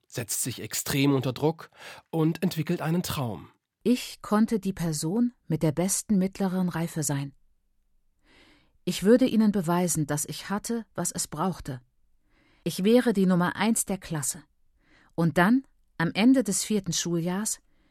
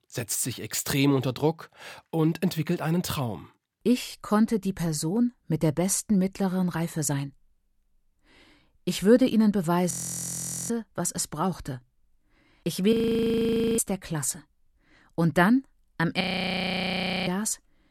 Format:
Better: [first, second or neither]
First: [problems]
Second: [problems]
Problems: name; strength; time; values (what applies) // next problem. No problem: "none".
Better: first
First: none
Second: audio freezing; at 10 s for 1 s, at 13 s for 1 s and at 16 s for 1 s